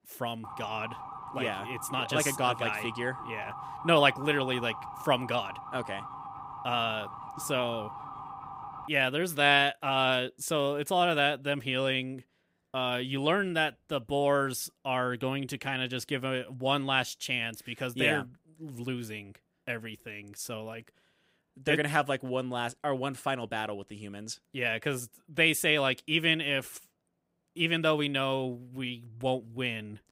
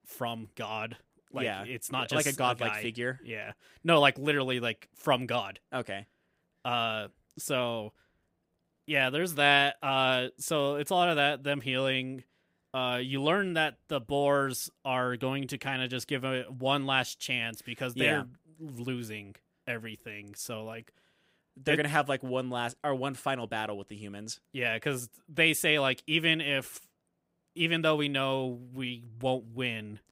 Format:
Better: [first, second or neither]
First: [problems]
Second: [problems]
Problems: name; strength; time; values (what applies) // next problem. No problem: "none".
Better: second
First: siren; faint; until 9 s; peak 10 dB below the speech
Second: none